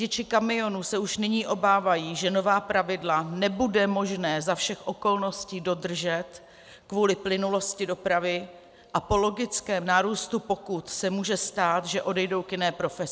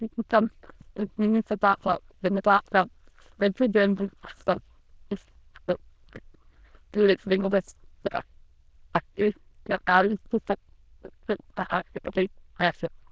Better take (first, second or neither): first